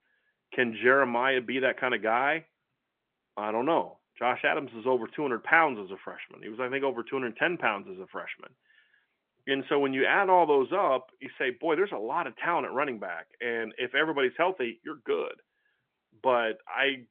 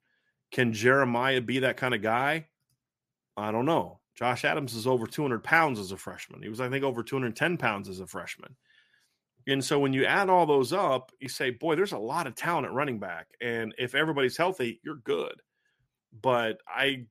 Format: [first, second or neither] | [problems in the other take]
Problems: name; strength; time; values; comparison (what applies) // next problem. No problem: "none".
second | phone-call audio; nothing above 3.5 kHz